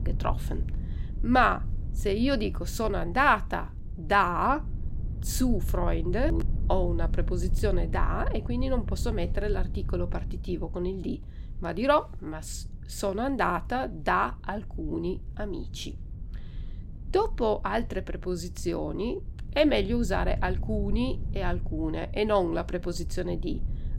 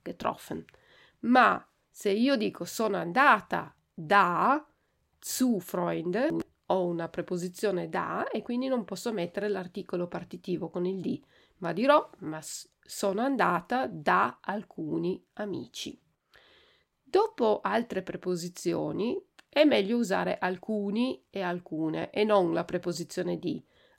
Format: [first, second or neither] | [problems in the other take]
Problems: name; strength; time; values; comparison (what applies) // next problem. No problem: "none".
second | low rumble; faint; throughout; 20 dB below the speech